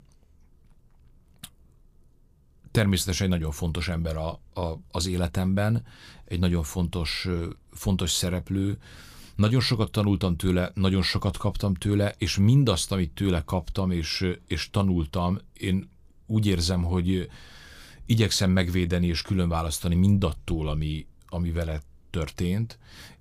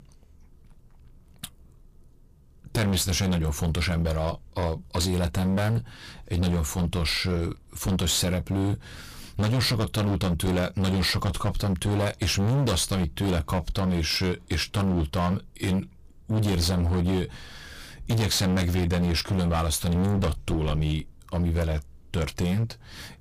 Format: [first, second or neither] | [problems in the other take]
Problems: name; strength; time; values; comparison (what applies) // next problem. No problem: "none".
first | distortion; heavy; 20% of the sound clipped